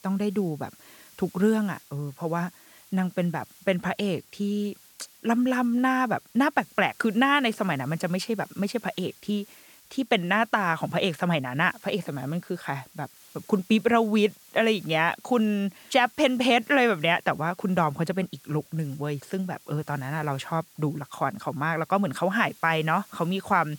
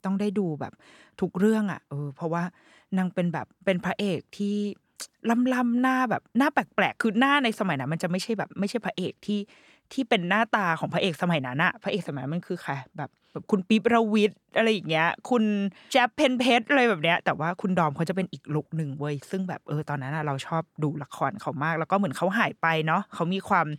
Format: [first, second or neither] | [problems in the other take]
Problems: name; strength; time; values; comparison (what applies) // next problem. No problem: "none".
second | hiss; faint; throughout; 25 dB below the speech